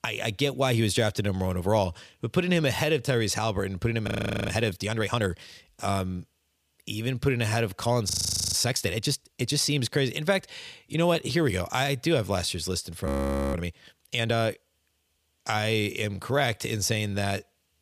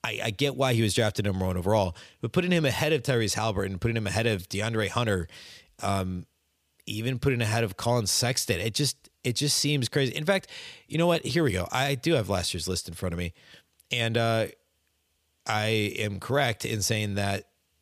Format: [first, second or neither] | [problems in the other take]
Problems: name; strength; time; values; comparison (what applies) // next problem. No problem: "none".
second | audio freezing; at 4 s, at 8 s and at 13 s